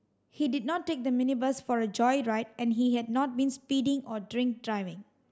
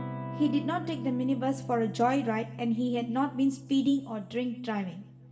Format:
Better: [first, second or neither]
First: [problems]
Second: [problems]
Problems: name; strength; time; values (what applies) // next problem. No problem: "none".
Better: first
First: none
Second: background sound (Electric guitar / Strum); 11 dB below the speech // room echo; dies away in 1 s